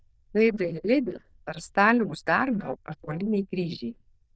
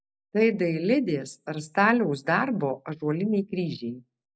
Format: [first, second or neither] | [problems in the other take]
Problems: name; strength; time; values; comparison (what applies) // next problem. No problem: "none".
second | noise reduction (neural diffusion model UNIVERSE++)